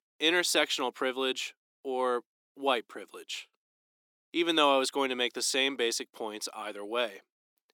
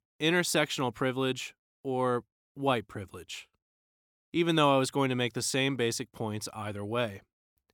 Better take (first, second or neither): second